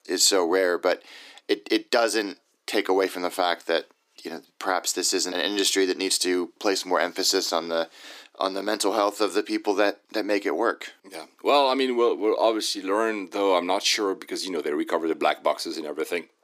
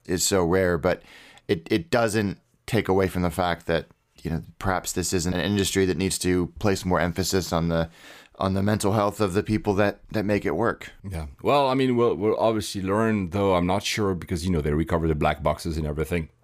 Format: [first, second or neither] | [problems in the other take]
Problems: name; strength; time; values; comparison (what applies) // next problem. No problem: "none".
second | thin; somewhat; fading below 300 Hz